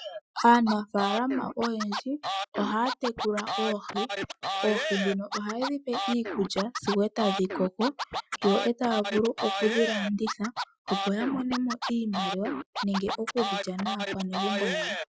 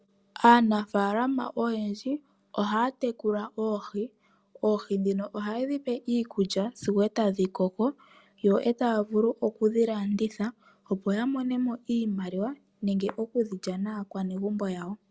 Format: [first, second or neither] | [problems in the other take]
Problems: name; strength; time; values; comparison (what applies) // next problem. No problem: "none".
second | noise reduction (classical method Wiener filter)